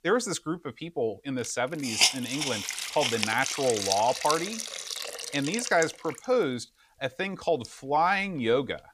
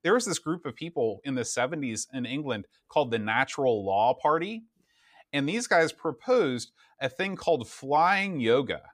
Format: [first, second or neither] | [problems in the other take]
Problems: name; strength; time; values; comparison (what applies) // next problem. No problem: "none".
second | hiss; loud; throughout; 1 dB below the speech